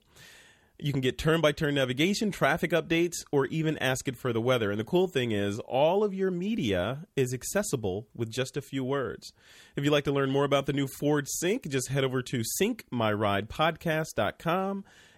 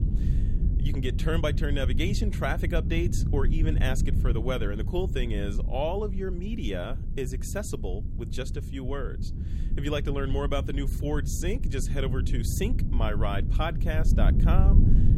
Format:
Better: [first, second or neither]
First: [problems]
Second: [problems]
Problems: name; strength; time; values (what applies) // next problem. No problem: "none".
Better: first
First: none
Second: low rumble; loud; throughout; 9 dB below the speech